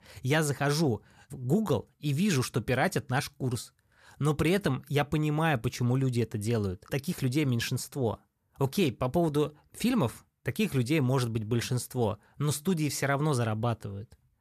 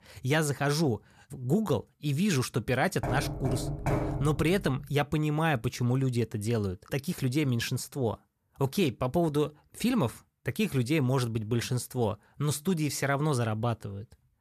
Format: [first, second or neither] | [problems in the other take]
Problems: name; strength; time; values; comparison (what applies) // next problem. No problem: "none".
first | door banging; noticeable; from 3 to 5 s; peak 1 dB below the speech